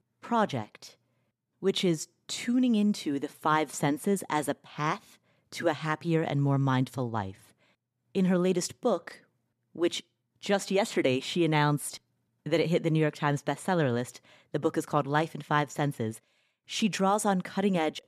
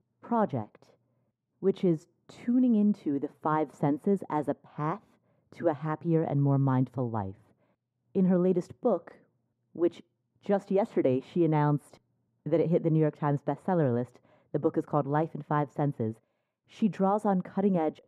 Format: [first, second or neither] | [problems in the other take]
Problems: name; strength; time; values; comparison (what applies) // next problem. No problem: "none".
first | muffled; very; fading above 2 kHz